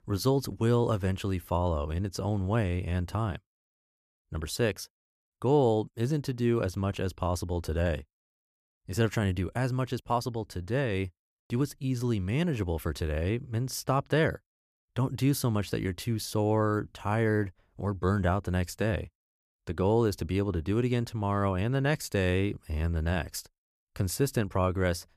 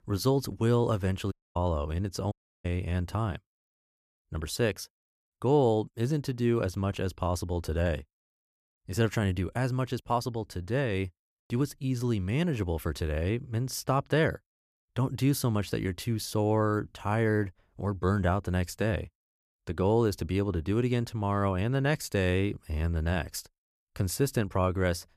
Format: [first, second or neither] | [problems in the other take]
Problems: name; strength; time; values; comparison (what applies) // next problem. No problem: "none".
first | audio cutting out; at 1.5 s and at 2.5 s